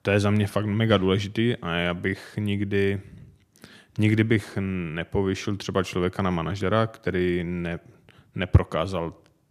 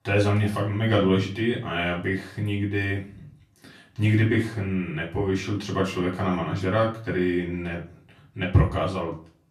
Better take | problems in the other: first | off-mic speech; far // room echo; slight; dies away in 0.3 s

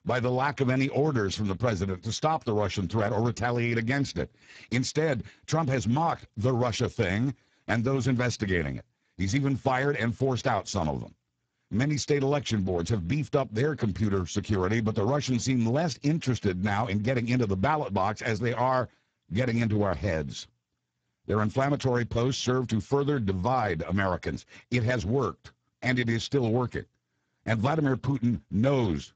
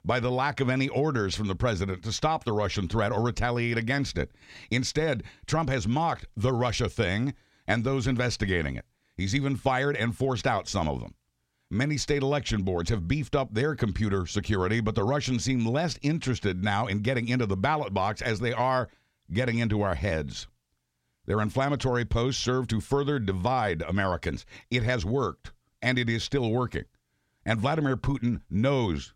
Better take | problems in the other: second | garbled, watery; badly; nothing above 7.5 kHz

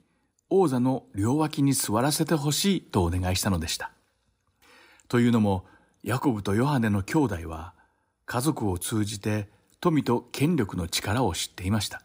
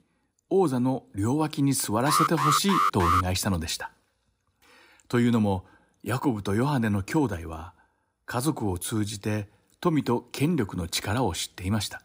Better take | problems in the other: first | alarm; loud; from 2 to 3 s; peak 4 dB above the speech

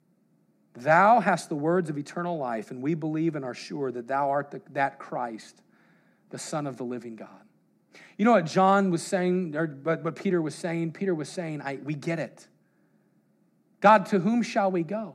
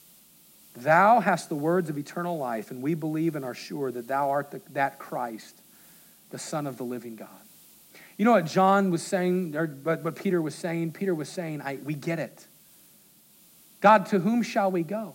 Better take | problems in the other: first | hiss; faint; throughout; 25 dB below the speech

